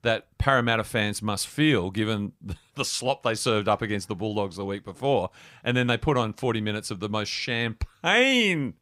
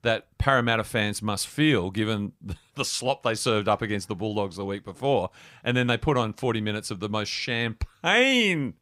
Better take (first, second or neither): neither